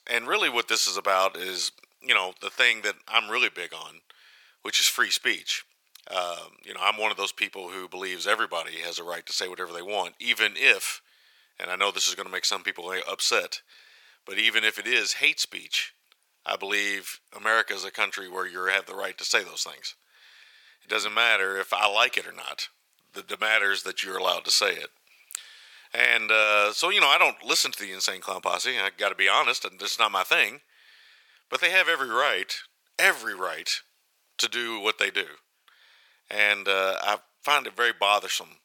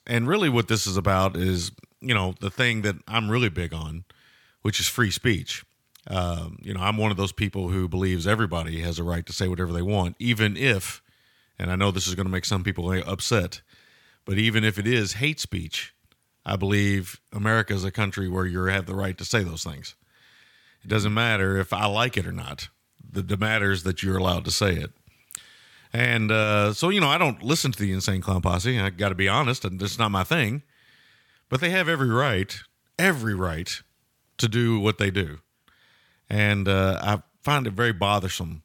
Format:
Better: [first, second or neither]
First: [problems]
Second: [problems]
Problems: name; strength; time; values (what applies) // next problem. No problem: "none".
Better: second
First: thin; very; fading below 500 Hz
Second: none